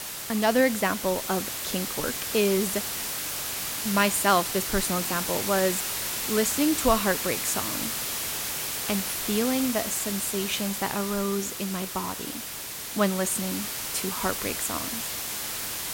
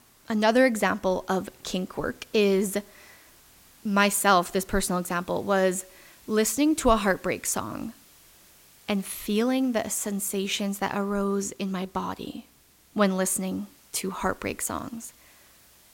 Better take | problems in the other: second | hiss; loud; throughout; 2 dB below the speech; faint in the second

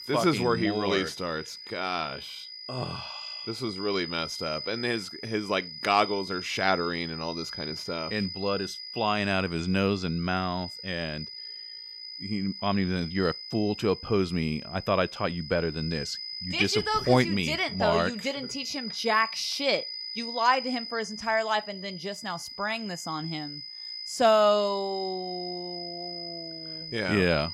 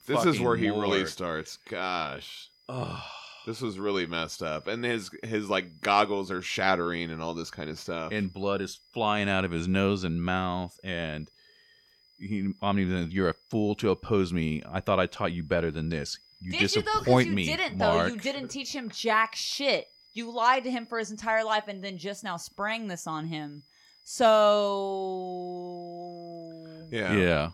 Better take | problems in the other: second | high-pitched whine; loud; throughout; 5 kHz, 9 dB below the speech; faint in the second

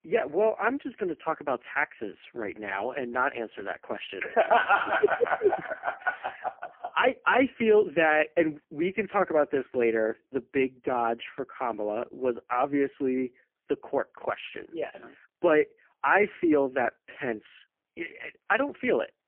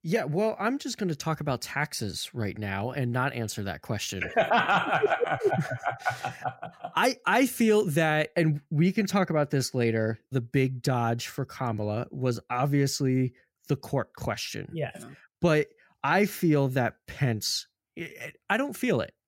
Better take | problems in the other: second | phone-call audio; poor line; nothing above 3 kHz

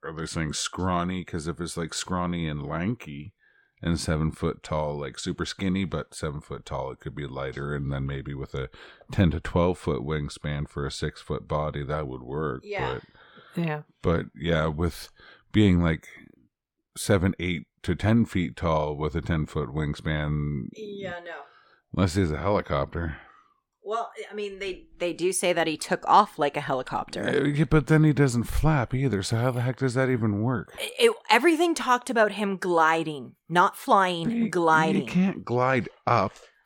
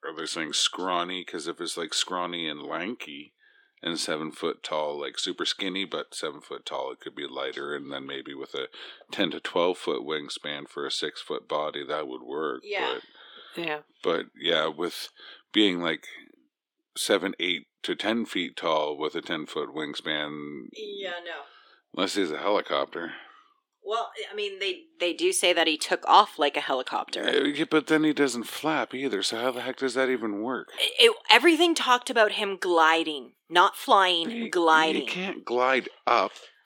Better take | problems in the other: first | thin; somewhat; fading below 300 Hz

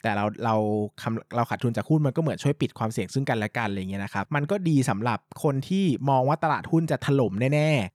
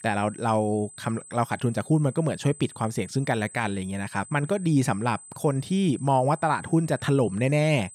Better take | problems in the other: first | high-pitched whine; noticeable; throughout; 8 kHz, 20 dB below the speech

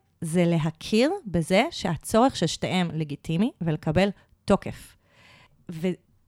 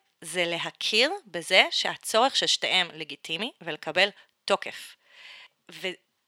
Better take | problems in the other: first | thin; very; fading below 500 Hz

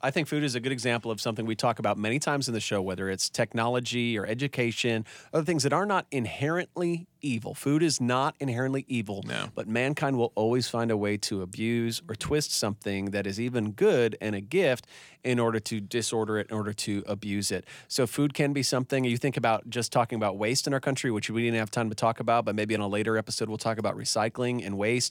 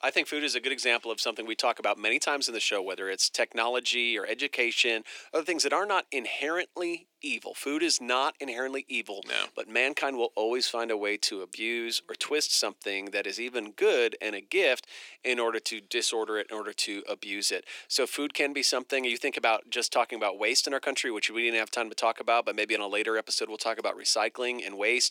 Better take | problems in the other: first | thin; somewhat; fading below 300 Hz

